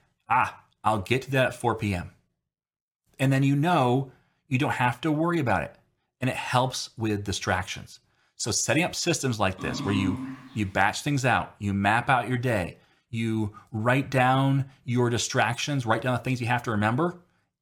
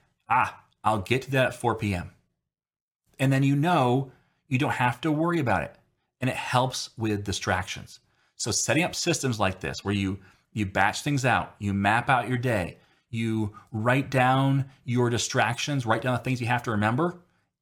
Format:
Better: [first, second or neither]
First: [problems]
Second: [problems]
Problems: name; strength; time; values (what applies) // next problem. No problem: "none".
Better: second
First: dog barking; noticeable; at 9.5 s; peak 5 dB below the speech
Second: none